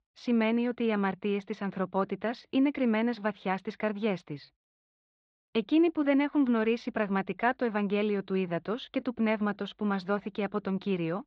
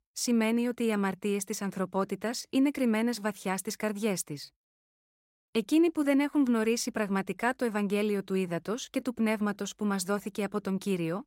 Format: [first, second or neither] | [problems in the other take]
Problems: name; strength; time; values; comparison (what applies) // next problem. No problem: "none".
second | muffled; very; fading above 4 kHz